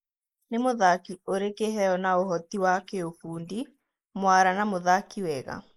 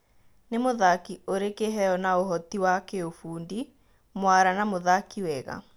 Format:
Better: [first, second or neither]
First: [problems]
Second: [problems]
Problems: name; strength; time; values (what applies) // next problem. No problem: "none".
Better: second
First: noise reduction (neural mask model Resemble Enhance denoiser)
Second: none